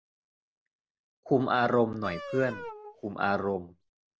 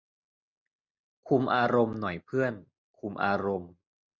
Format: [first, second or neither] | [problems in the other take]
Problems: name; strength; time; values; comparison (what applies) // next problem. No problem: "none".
second | background sound (Wind instrument, woodwind instrument); 12 dB below the speech